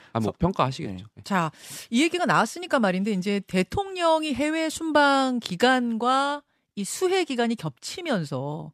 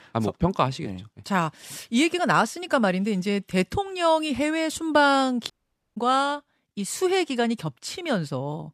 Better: first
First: none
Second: audio cutting out; at 5.5 s

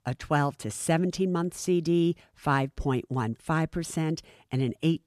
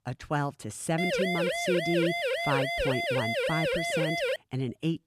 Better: first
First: none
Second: siren; loud; from 1 to 4.5 s; peak 4 dB above the speech

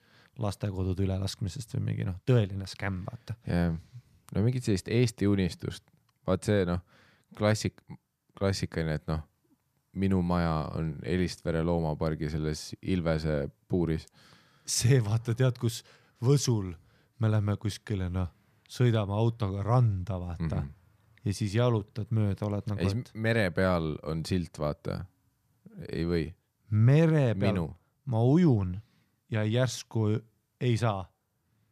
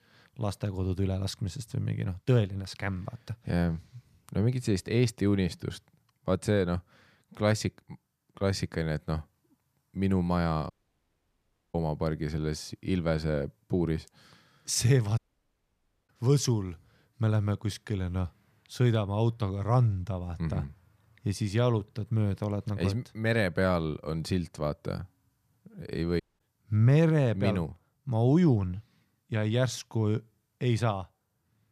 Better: first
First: none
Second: audio cutting out; at 11 s for 1 s, at 15 s for 1 s and at 26 s

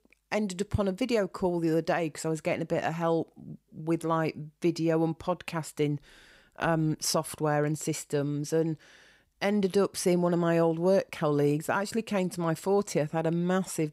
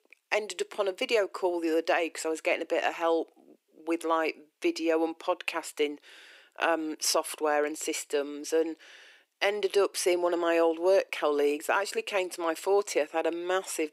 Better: first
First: none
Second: thin; very; fading below 350 Hz

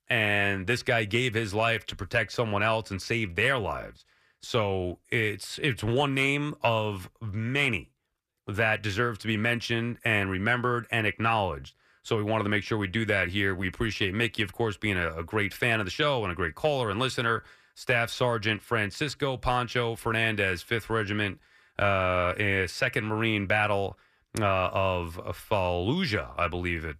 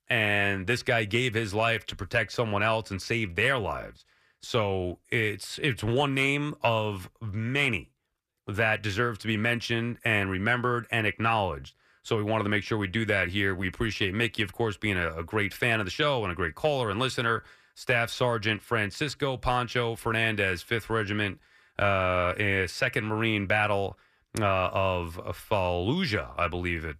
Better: neither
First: none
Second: none

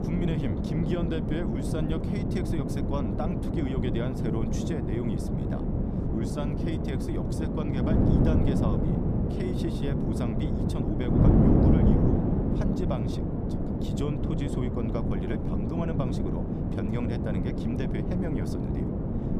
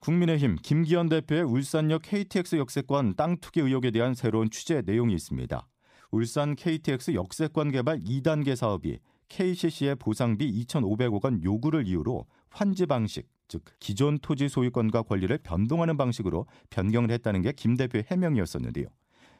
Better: second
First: wind noise on the microphone; heavy; 3 dB above the speech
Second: none

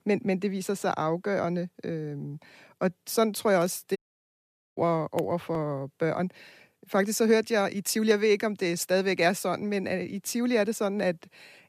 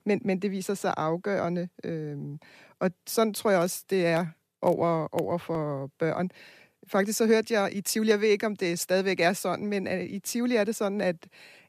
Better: second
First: audio cutting out; at 4 s for 1 s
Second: none

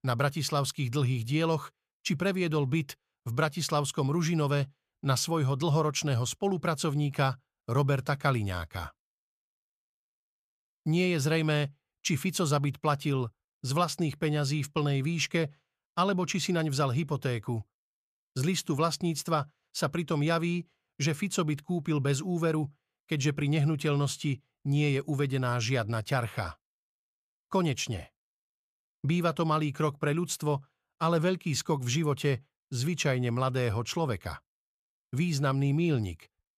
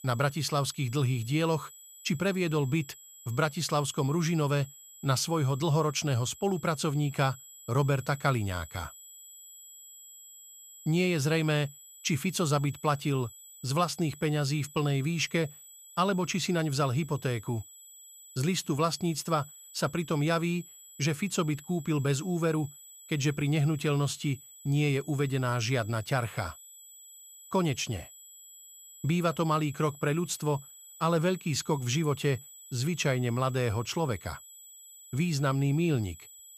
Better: first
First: none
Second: high-pitched whine; noticeable; throughout; 8 kHz, 20 dB below the speech

